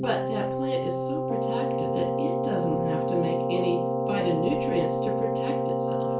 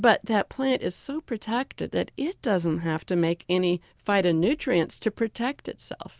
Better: second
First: background sound (Keyboard (musical)); 4 dB above the speech // room echo; dies away in 0.3 s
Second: none

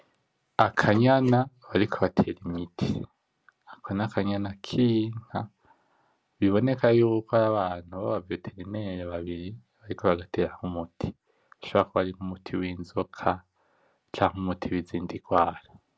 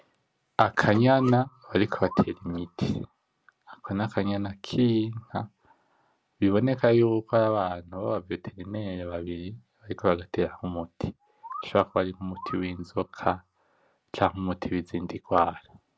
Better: first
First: none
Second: background sound (Bird); 17 dB below the speech

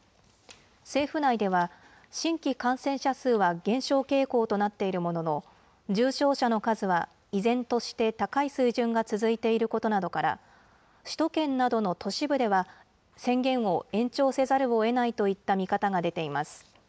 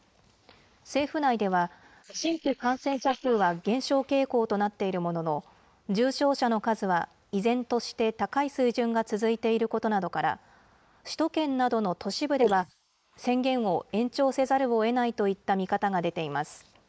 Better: first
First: none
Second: noise reduction (neural mask model Resemble Enhance denoiser)

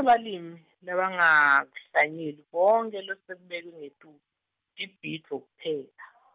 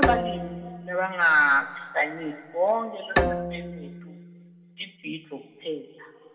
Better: first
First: none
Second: background sound (Bowed string instrument); 4 dB below the speech // room echo; dies away in 2.2 s

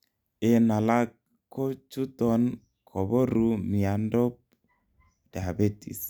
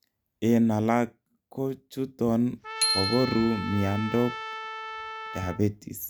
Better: first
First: none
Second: background sound (Trumpet + Bicycle bell); 6 dB below the speech

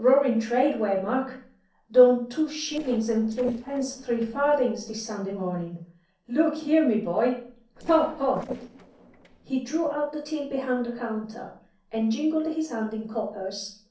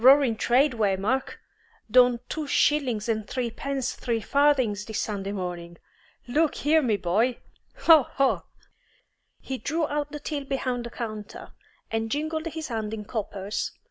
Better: second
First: noise reduction (neural separator model SepFormer DNS4)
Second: none

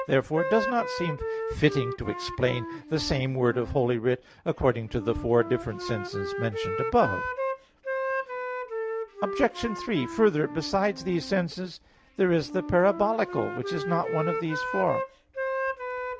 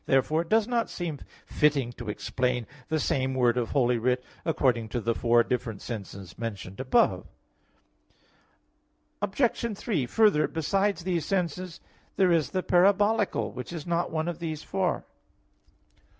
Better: second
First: background sound (Wind instrument, woodwind instrument); 6 dB below the speech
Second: none

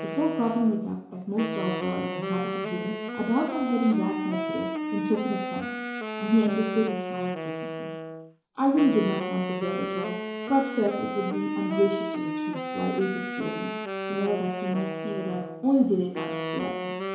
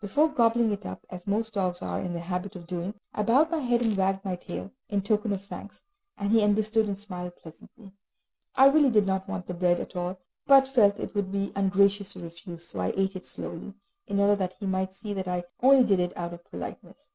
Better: second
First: background sound (Wind instrument, woodwind instrument); 4 dB below the speech // room echo; dies away in 0.7 s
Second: none

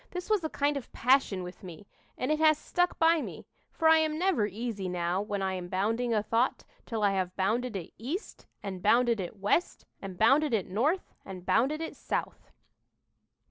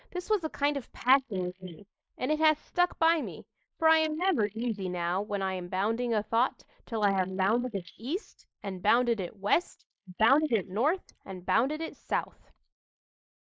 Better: first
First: none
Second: noise reduction (neural mask model Resemble Enhance denoiser)

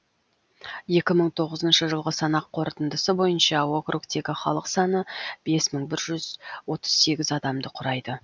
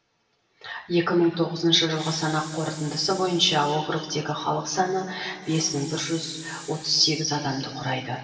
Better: first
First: none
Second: background sound (Hiss); 17 dB below the speech // room echo; dies away in 2.9 s

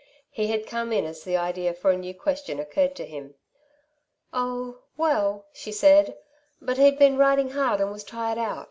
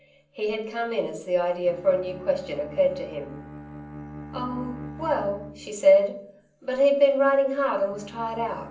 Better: first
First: none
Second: background sound (Bowed string instrument); 17 dB below the speech // room echo; dies away in 0.6 s

